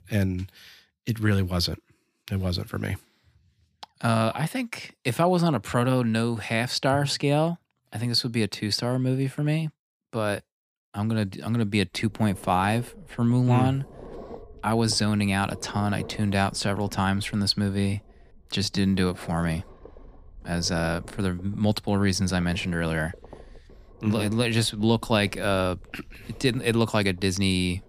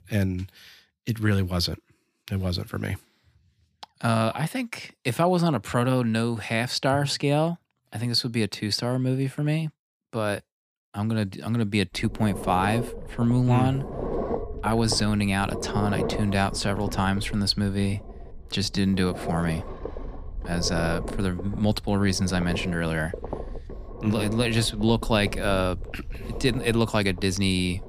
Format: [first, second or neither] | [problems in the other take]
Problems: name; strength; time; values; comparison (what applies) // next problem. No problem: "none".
first | low rumble; loud; from 12 s on; 10 dB below the speech; faint in the first